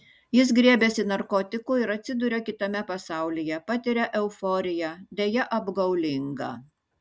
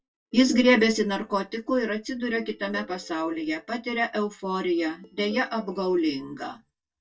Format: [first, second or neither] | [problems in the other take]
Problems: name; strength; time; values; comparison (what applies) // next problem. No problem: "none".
first | noise reduction (neural mask model DeepFilterNet 3)